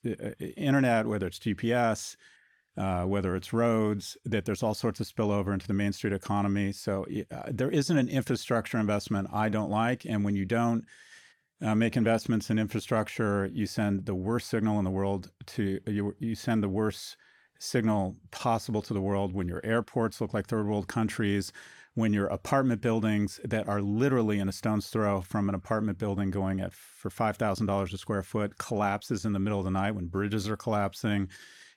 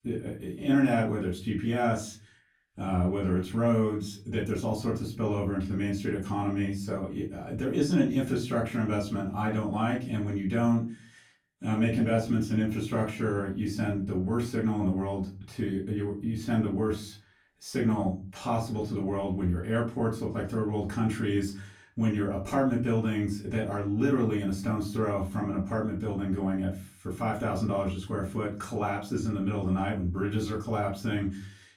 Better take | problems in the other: first | off-mic speech; far // room echo; slight; dies away in 0.3 s

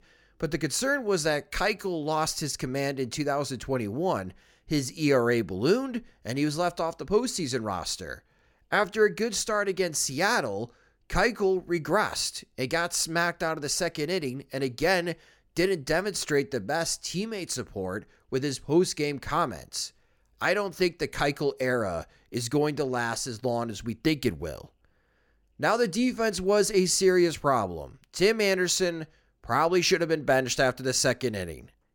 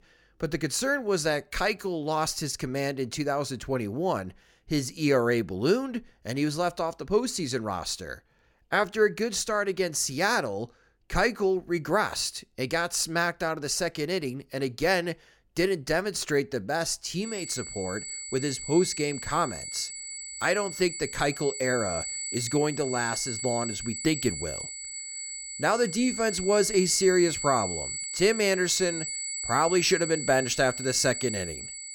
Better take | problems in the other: first | high-pitched whine; loud; from 17 s on; 8 kHz, 6 dB below the speech

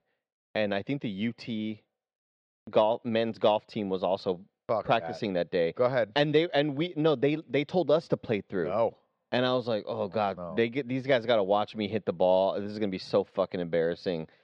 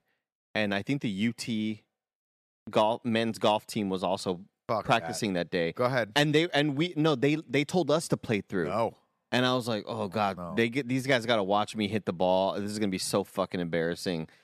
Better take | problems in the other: second | muffled; slightly; fading above 4 kHz

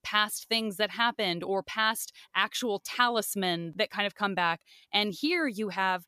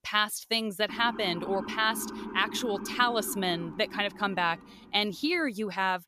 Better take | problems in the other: first | siren; noticeable; from 1 to 5 s; peak 9 dB below the speech

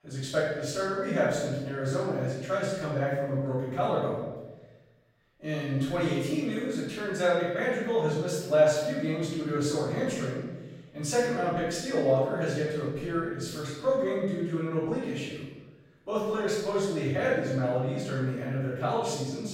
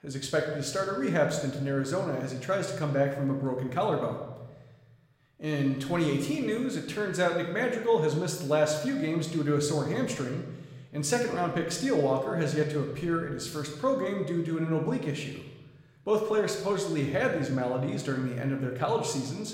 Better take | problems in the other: second | room echo; strong; dies away in 1 s; slight in the second // off-mic speech; far

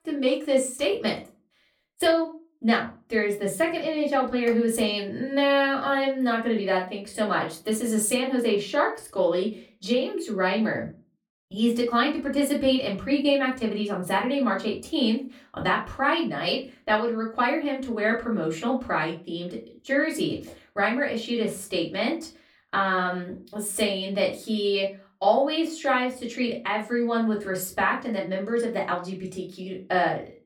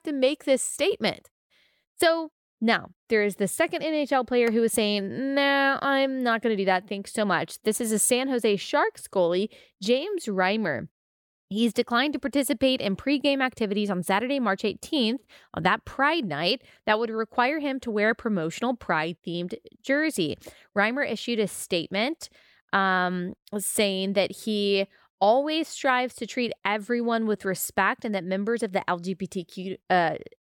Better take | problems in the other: second | off-mic speech; far // room echo; very slight; dies away in 0.3 s

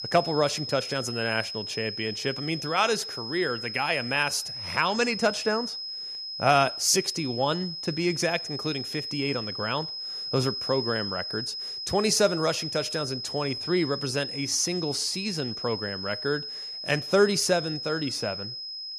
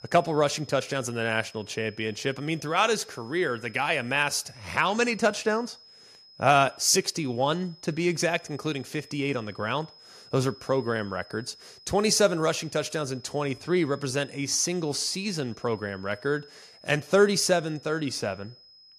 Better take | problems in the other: second | high-pitched whine; loud; throughout; 5 kHz, 5 dB below the speech; faint in the second

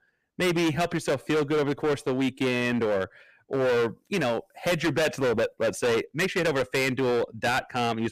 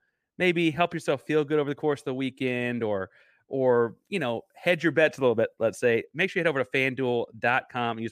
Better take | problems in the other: second | distortion; heavy; 21% of the sound clipped

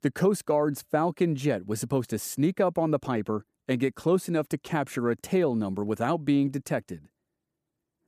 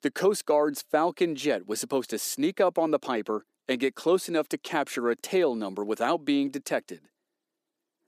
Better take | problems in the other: first | thin; very slightly; fading below 300 Hz

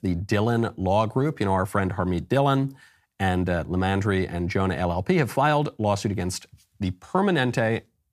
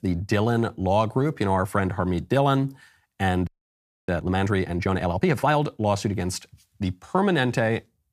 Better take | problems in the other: first | audio freezing; at 3.5 s for 0.5 s

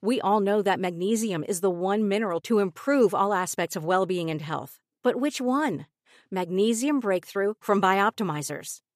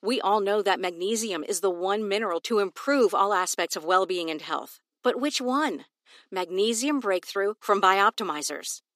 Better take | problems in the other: first | thin; very slightly; fading below 250 Hz

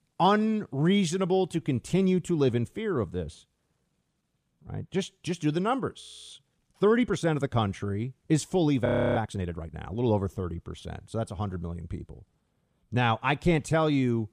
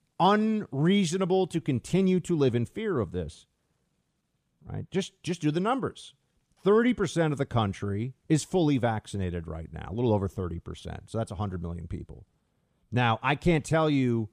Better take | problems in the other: second | audio freezing; at 6 s and at 9 s

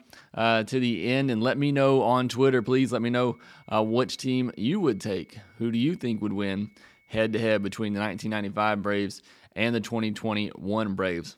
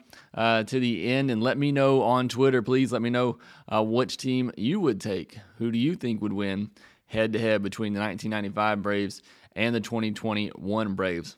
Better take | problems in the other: second | high-pitched whine; faint; from 2.5 to 8 s; 2 kHz, 35 dB below the speech

